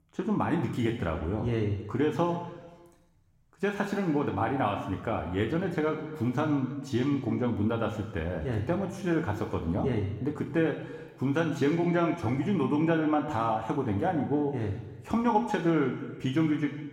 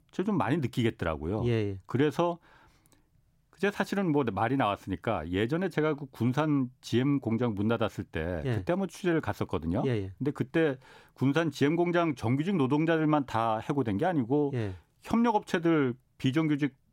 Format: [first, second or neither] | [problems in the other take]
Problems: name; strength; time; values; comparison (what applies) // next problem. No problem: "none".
second | room echo; noticeable; dies away in 1.2 s // off-mic speech; somewhat distant